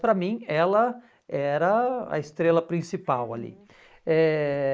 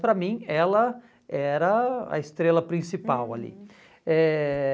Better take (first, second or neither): second